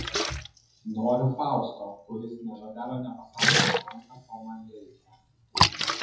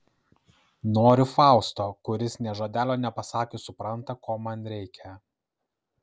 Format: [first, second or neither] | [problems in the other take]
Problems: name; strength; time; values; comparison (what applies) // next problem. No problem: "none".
second | noise reduction (classical method WPE with log-MMSE)